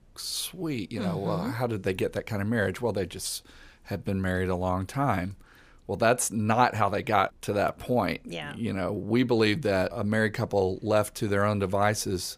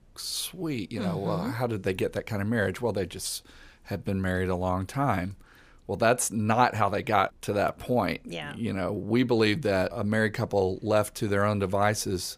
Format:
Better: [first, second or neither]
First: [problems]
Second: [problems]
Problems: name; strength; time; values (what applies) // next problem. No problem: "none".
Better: neither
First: none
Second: none